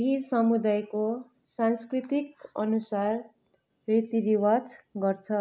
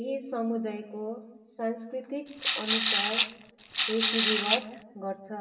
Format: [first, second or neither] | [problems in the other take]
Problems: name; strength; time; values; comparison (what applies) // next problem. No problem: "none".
first | background sound (Rattle / Rattle (instrument)); 5 dB above the speech // room echo; dies away in 1.3 s